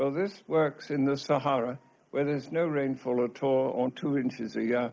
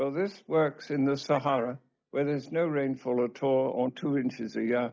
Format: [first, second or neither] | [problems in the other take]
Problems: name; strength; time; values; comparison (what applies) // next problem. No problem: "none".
first | noise reduction (neural mask model DeepFilterNet 3)